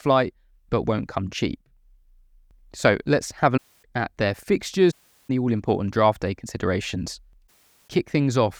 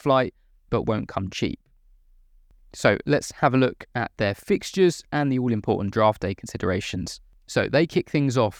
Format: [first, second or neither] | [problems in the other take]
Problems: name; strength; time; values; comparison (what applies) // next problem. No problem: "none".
second | audio cutting out; at 3.5 s, at 5 s and at 7.5 s